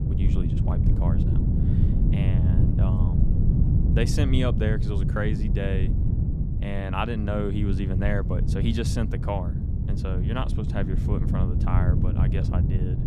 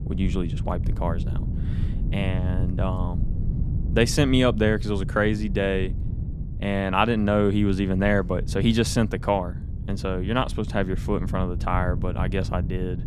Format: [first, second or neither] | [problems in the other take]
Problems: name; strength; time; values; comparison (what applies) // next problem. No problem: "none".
second | wind noise on the microphone; heavy; 3 dB below the speech; occasional gusts in the second